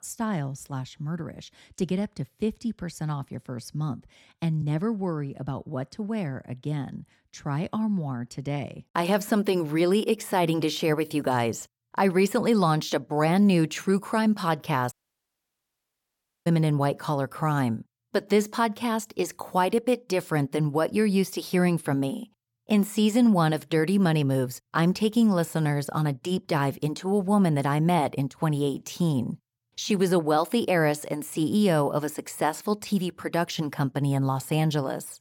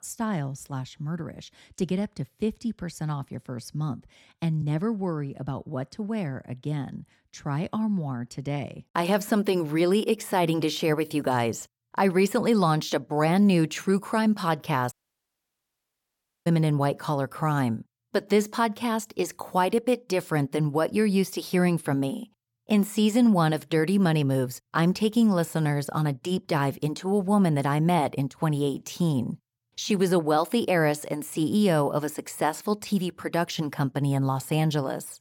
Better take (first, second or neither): neither